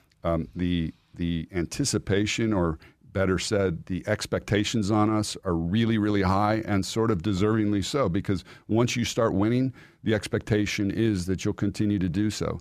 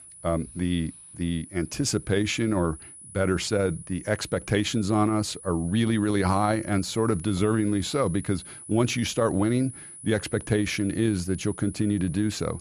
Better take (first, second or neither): first